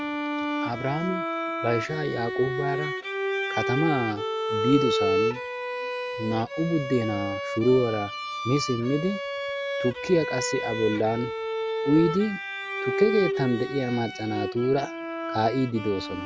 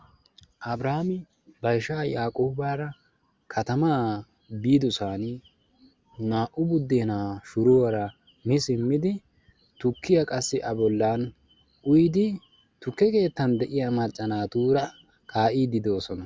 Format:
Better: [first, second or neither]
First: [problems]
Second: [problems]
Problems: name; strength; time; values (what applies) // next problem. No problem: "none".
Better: second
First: background sound (Bowed string instrument); 3 dB below the speech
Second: none